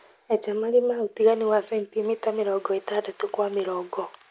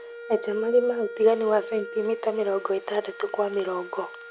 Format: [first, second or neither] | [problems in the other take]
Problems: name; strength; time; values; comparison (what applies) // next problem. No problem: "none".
first | background sound (Wind instrument, woodwind instrument); 13 dB below the speech